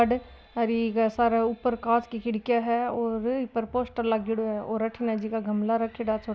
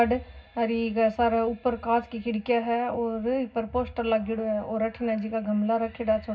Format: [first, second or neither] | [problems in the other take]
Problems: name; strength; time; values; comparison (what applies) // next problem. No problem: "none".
first | room echo; dies away in 0.4 s